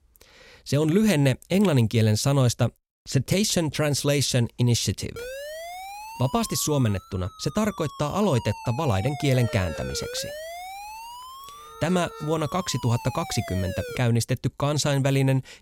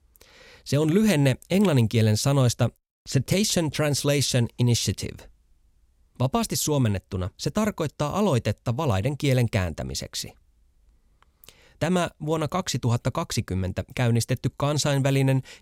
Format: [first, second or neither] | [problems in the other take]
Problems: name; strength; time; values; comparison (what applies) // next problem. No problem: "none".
second | siren; faint; from 5 to 14 s; peak 10 dB below the speech